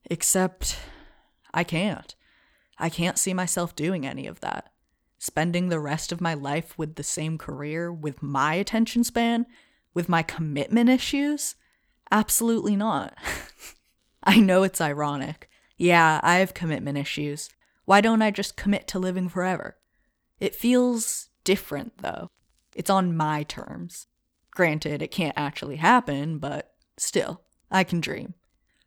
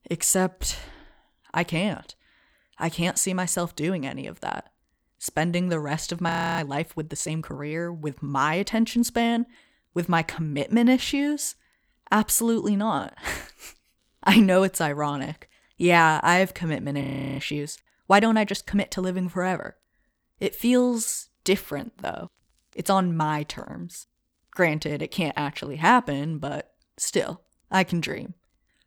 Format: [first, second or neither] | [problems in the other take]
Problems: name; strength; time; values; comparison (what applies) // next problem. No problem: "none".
first | audio freezing; at 6.5 s and at 17 s